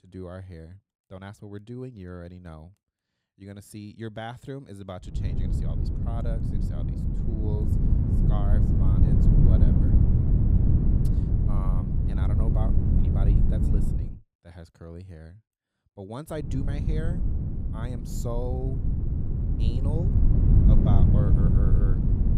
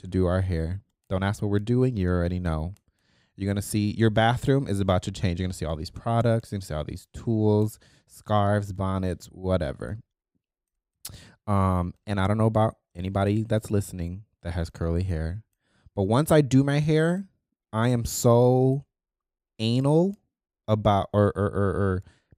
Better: second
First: wind noise on the microphone; heavy; from 5 to 14 s and from 16 s on; 4 dB above the speech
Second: none

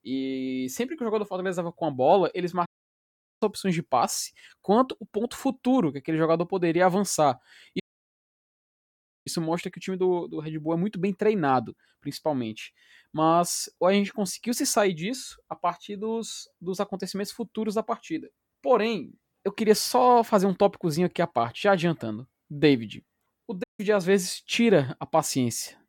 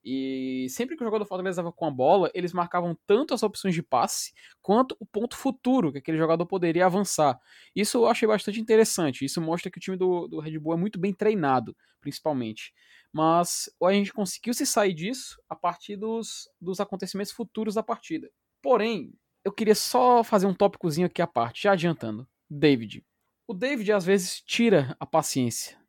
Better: second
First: audio cutting out; at 2.5 s for 1 s, at 8 s for 1.5 s and at 24 s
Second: none

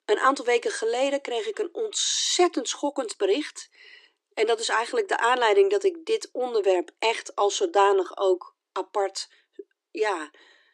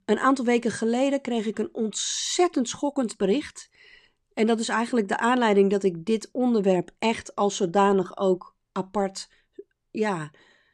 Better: second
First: thin; very; fading below 300 Hz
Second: none

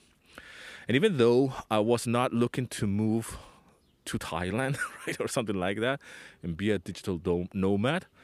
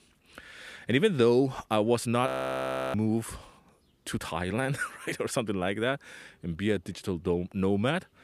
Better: first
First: none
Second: audio freezing; at 2.5 s for 0.5 s

